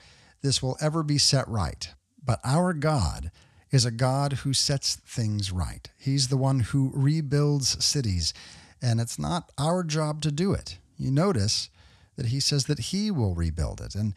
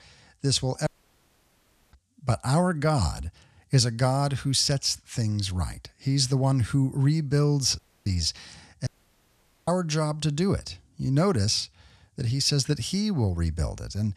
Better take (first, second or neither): first